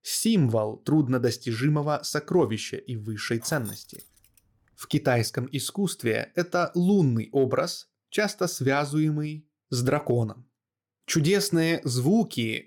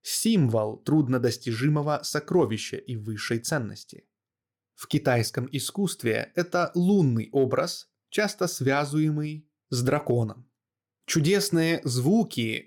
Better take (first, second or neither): second